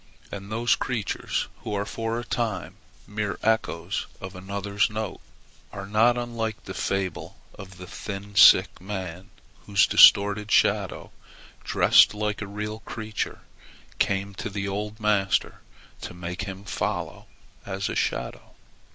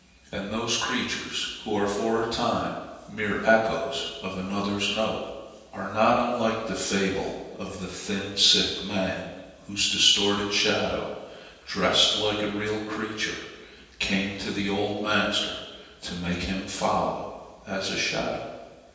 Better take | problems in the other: first | room echo; dies away in 1.2 s

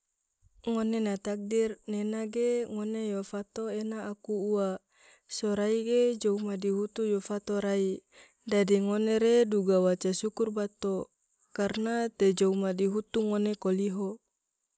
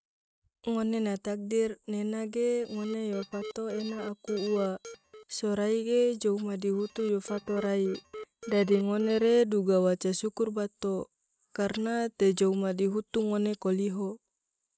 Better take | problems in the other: first | noise reduction (neural mask model RNNoise)

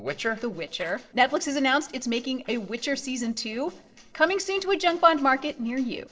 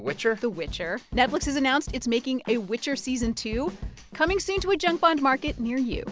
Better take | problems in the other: second | noise reduction (neural separator model SepFormer DNS4)

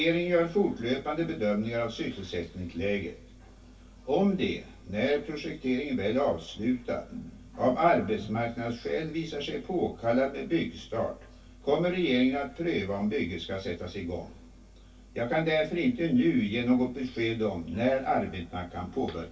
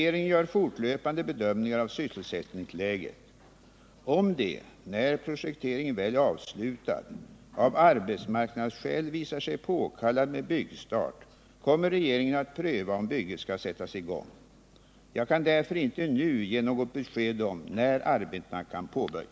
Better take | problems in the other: second | room echo; dies away in 0.1 s

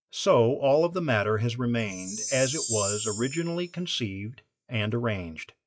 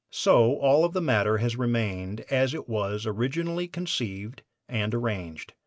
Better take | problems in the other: second | noise reduction (classical method log-MMSE)

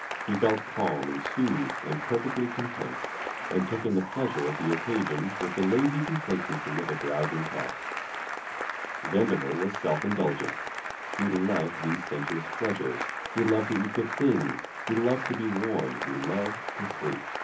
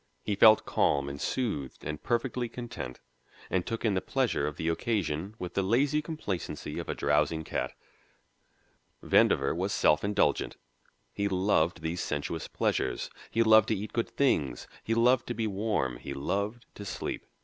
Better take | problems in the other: second | background sound (Applause / Cheering); 5 dB below the speech // room echo; dies away in 0.3 s

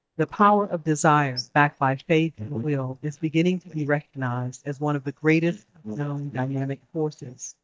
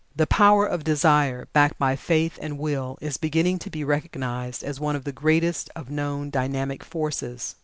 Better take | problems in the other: second | noise reduction (neural mask model DeepFilterNet 3)

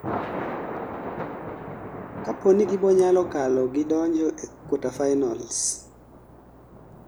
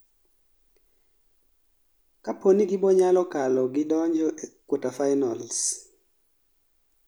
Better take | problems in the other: second | background sound (Thunder); 11 dB below the speech

